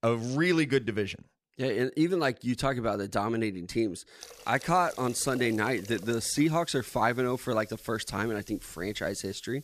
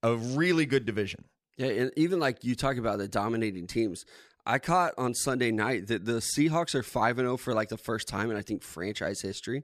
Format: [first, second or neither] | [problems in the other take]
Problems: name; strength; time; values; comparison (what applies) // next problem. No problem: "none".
second | hiss; noticeable; from 4 s on; 20 dB below the speech